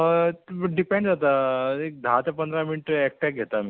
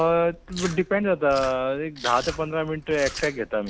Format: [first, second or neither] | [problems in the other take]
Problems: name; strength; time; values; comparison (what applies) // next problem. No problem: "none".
first | background sound (Chewing, mastication); 14 dB below the speech